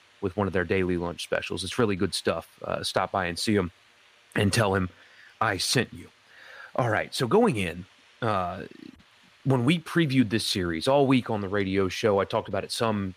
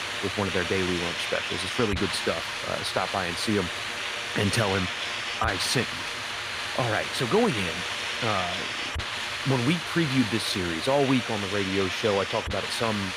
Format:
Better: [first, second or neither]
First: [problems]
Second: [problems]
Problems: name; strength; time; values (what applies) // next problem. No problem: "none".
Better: first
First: hiss; faint; throughout; 30 dB below the speech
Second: hiss; loud; throughout; 2 dB below the speech